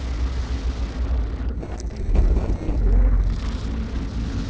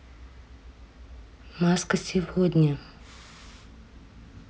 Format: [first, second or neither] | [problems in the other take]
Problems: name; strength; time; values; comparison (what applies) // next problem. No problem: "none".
second | noise reduction (neural separator model SepFormer DNS4)